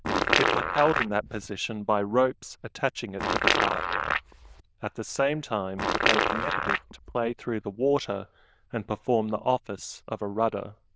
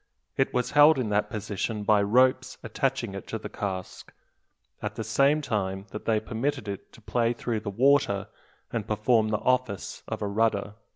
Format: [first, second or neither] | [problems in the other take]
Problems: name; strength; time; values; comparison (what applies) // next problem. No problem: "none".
second | noise reduction (neural diffusion model UNIVERSE++)